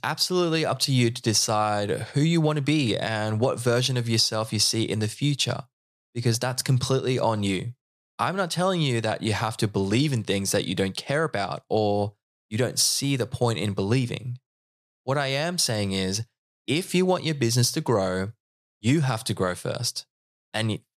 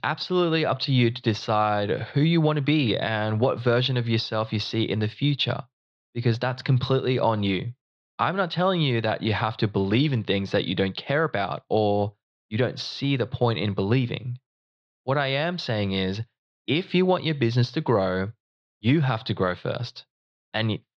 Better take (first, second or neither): first